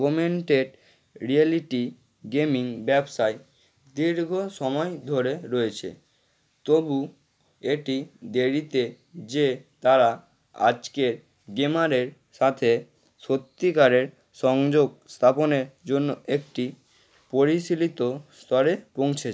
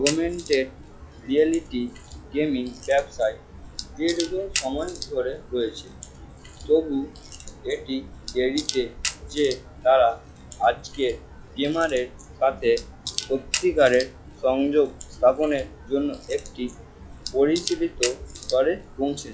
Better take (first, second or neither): first